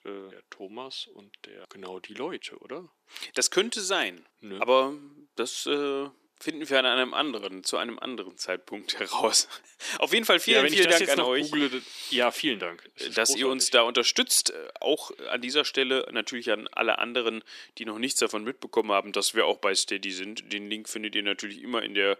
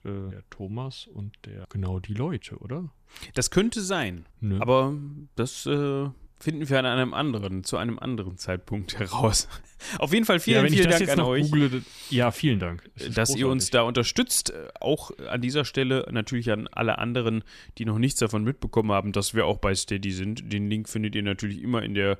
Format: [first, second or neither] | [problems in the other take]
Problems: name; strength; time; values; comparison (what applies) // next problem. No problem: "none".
second | thin; somewhat; fading below 300 Hz